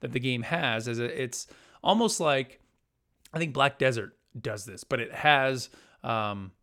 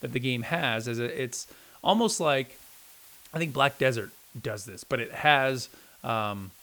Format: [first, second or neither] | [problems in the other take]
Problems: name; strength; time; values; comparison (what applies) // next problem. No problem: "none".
first | hiss; faint; throughout; 25 dB below the speech